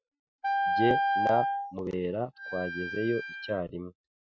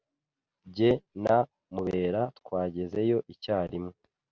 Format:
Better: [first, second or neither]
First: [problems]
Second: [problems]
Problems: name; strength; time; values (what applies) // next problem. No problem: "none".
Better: second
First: noise reduction (classical method Wiener filter)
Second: none